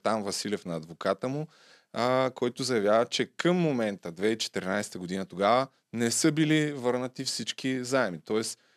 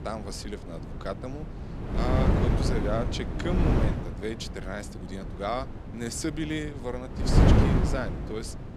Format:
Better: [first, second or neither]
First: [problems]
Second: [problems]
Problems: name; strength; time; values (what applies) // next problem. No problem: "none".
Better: first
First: none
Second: wind noise on the microphone; heavy; 3 dB above the speech